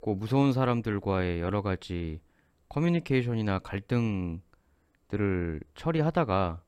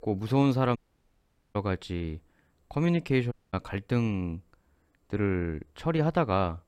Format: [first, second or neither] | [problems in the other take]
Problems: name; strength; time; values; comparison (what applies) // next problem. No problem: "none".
first | audio cutting out; at 1 s for 1 s and at 3.5 s